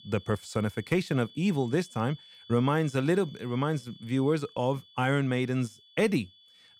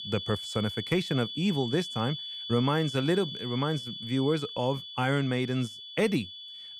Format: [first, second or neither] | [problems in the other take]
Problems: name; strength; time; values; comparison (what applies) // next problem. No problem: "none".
first | high-pitched whine; loud; throughout; 3.5 kHz, 8 dB below the speech; faint in the first